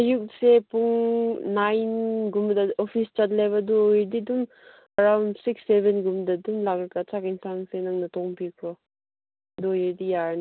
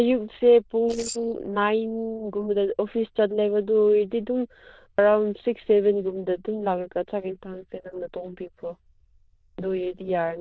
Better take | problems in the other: first | noise reduction (neural diffusion model UNIVERSE++)

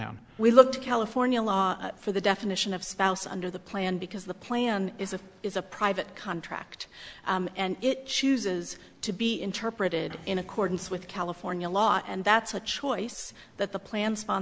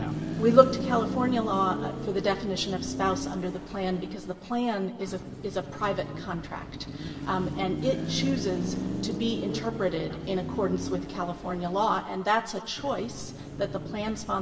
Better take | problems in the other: first | background sound (Car passing by / Traffic noise, roadway noise / Engine); 6 dB below the speech // room echo; dies away in 1.6 s

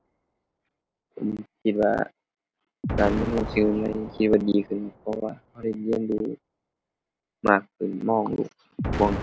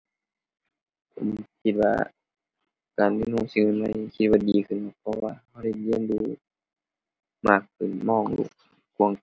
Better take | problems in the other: second | background sound (Explosion); 10 dB below the speech

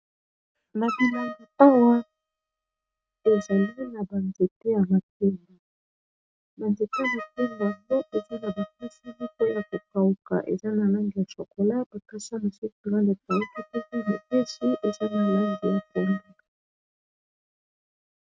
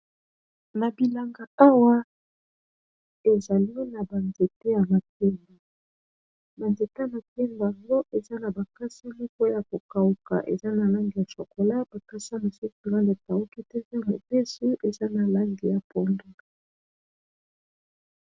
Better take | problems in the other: second | noise reduction (neural mask model RNNoise)

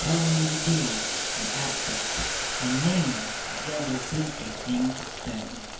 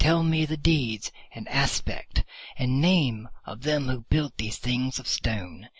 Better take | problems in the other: second | background sound (Boiling); 2 dB below the speech // room echo; dies away in 0.5 s

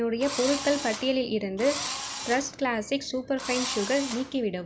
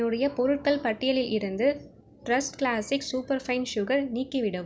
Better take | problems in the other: second | background sound (Engine / Drill); 7 dB below the speech

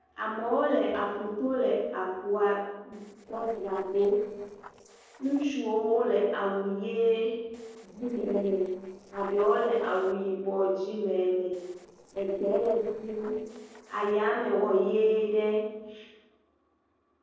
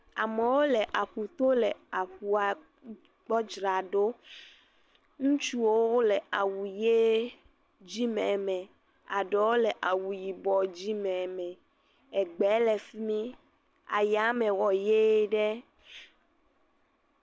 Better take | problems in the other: second | noise reduction (neural separator model SepFormer DNS4)

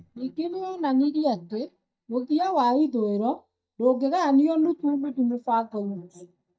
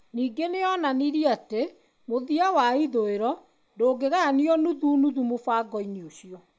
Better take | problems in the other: second | noise reduction (neural mask model DeepFilterNet 3)

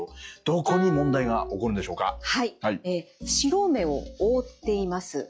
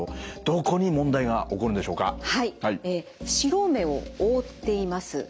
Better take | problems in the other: second | noise reduction (classical method log-MMSE)

